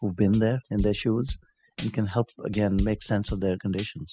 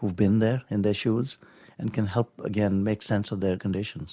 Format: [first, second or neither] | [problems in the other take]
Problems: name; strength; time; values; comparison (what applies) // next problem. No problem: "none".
second | noise reduction (classical method spectral subtraction)